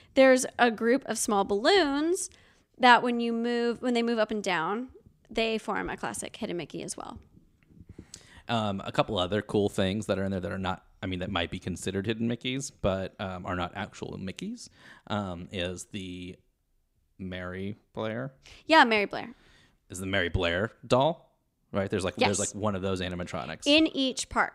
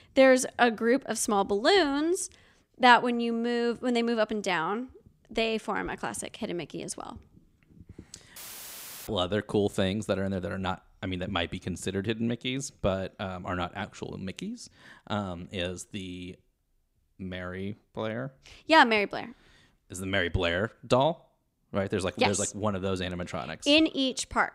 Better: first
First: none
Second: audio cutting out; filled with static; at 8.5 s for 0.5 s

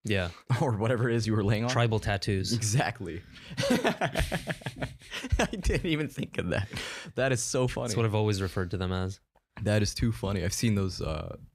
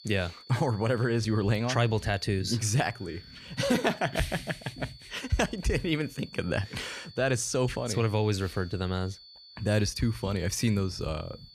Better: first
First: none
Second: high-pitched whine; noticeable; throughout; 4.5 kHz, 20 dB below the speech

